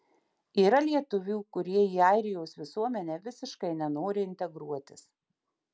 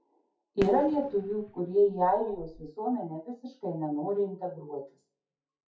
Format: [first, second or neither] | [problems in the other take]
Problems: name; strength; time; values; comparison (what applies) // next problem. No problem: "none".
first | noise reduction (classical method WPE with log-MMSE)